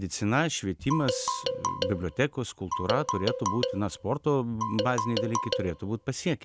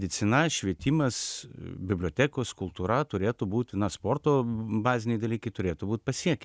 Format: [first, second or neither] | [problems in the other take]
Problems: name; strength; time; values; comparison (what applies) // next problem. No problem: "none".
second | background sound (Marimba, xylophone); 3 dB below the speech